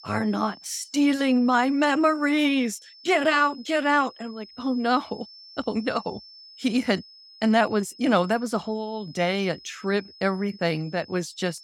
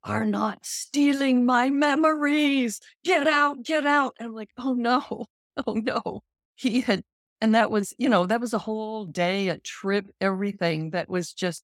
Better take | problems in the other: second | high-pitched whine; faint; throughout; 5.5 kHz, 20 dB below the speech

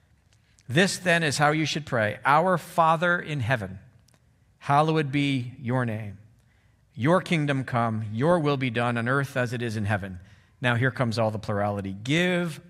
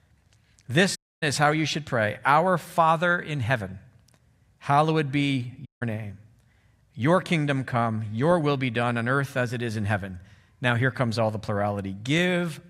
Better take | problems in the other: first | audio cutting out; at 1 s and at 5.5 s

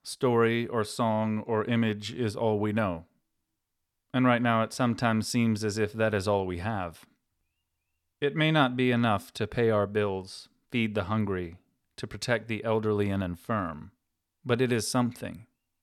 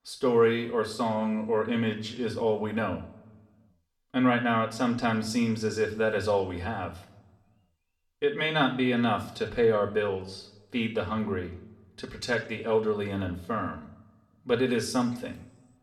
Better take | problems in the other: first | room echo; very slight; dies away in 0.6 s // off-mic speech; somewhat distant

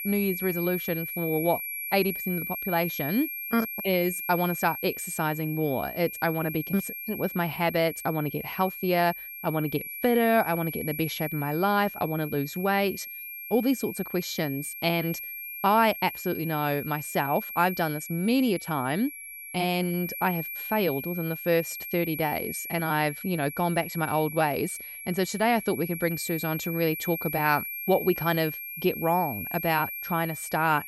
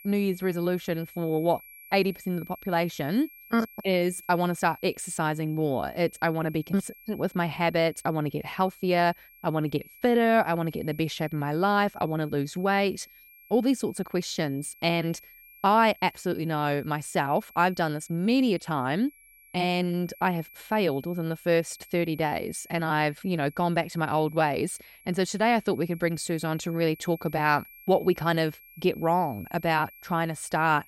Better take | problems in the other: second | high-pitched whine; loud; throughout; 2.5 kHz, 7 dB below the speech; faint in the second

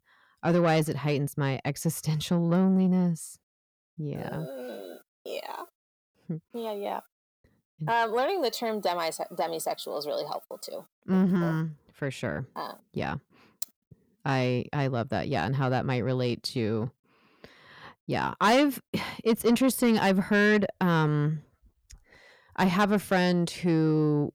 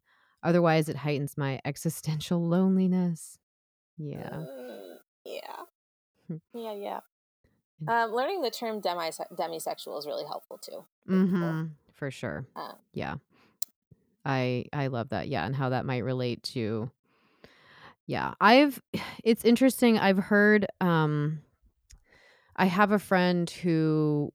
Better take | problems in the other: second | distortion; slight; 10 dB below the speech

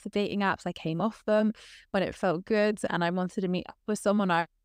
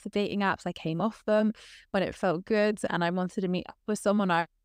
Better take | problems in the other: neither | none

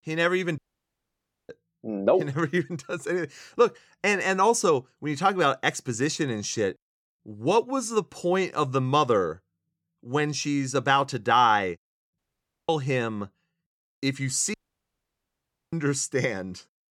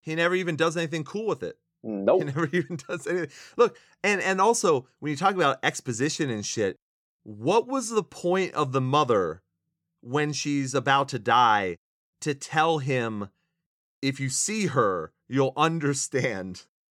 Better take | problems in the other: second | audio cutting out; at 0.5 s for 1 s, at 12 s for 0.5 s and at 15 s for 1 s

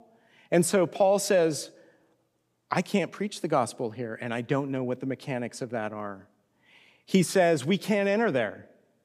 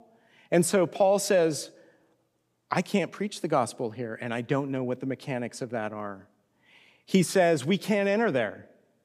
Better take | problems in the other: neither | none

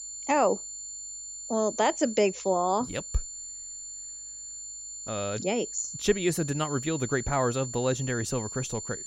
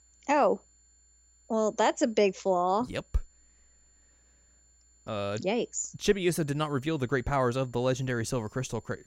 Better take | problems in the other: second | high-pitched whine; loud; throughout; 7 kHz, 8 dB below the speech; faint in the second

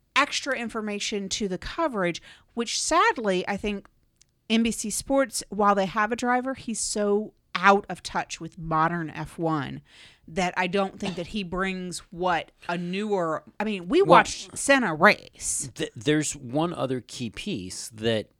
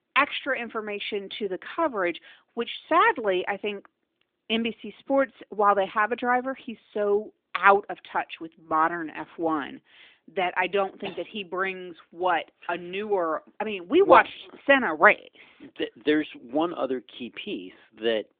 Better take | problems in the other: first | phone-call audio

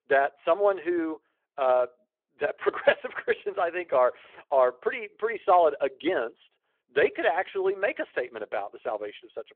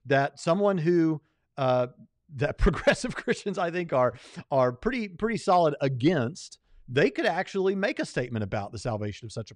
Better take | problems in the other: second | phone-call audio

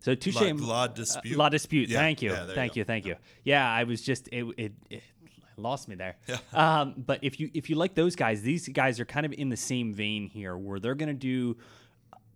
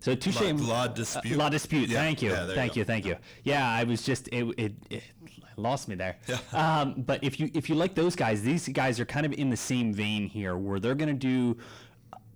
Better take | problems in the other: first | distortion; heavy; 7 dB below the speech

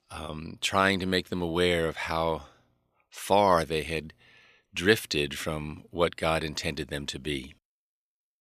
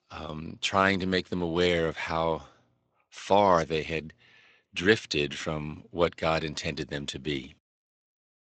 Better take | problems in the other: first | garbled, watery; slightly; nothing above 8 kHz

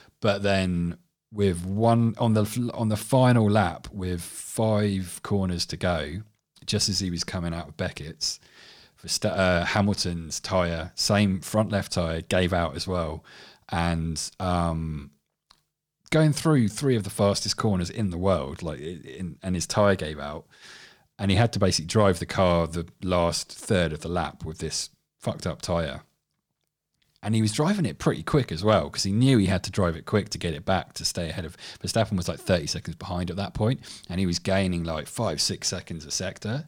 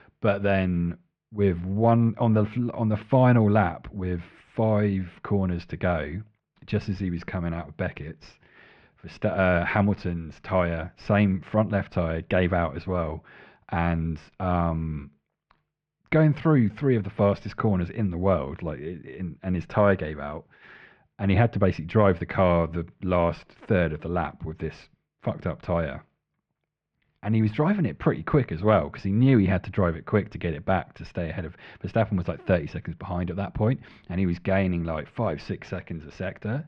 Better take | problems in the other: first | muffled; very; fading above 2.5 kHz

